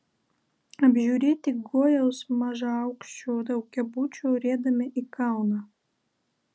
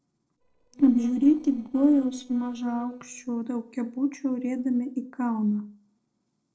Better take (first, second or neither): first